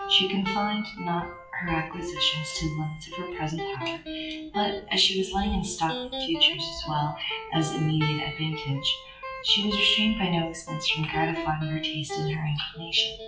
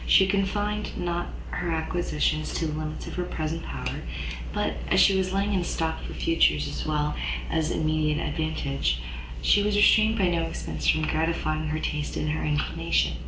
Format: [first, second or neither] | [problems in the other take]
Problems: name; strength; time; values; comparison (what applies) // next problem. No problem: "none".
second | noise reduction (classical method WPE with log-MMSE)